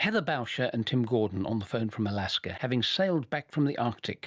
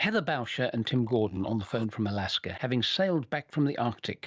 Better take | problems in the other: first | noise reduction (neural mask model Resemble Enhance denoiser)

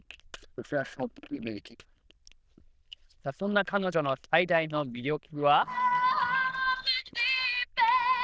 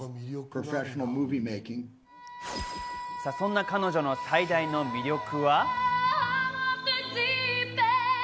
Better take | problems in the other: second | noise reduction (neural diffusion model UNIVERSE++)

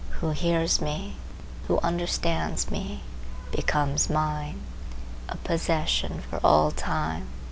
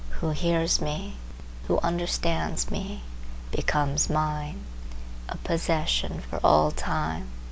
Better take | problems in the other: second | background sound (Vehicle horn, car horn, honking); 18 dB below the speech

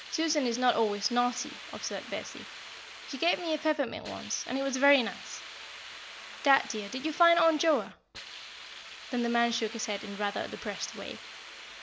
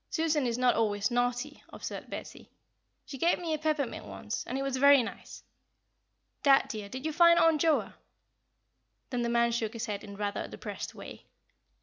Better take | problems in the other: second | background sound (Hiss); 14 dB below the speech

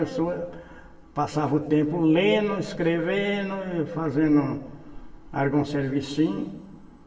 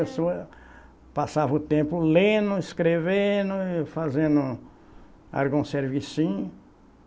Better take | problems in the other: second | room echo; dies away in 1.4 s

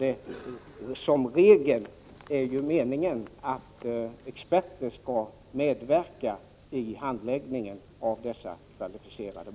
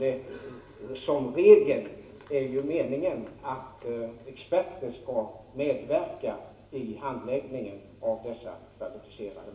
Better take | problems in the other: first | room echo; dies away in 1 s

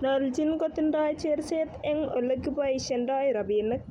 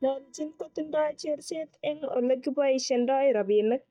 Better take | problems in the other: first | noise reduction (neural mask model DeepFilterNet 3)

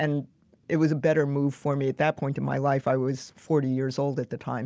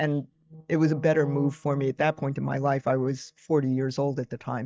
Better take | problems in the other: first | noise reduction (neural mask model DeepFilterNet 3)

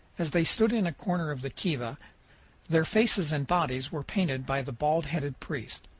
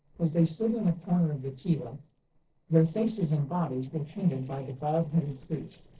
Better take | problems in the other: first | noise reduction (neural separator model SepFormer DNS4)

